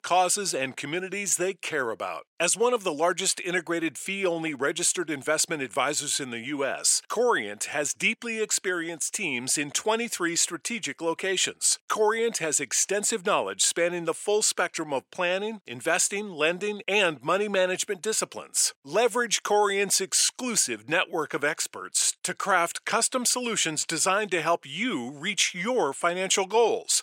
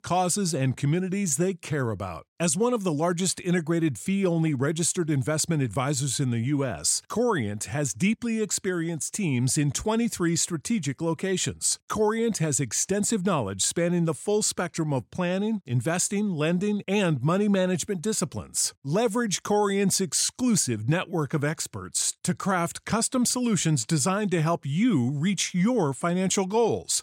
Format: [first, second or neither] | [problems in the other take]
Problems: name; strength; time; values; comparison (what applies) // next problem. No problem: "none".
second | thin; very; fading below 500 Hz